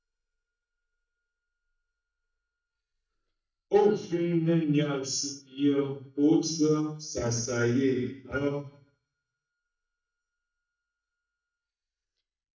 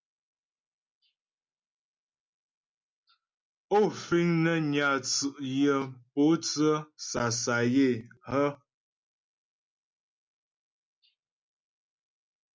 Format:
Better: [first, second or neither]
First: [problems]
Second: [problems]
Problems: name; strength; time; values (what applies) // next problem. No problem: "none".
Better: second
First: noise reduction (neural mask model DeepFilterNet 3)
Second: none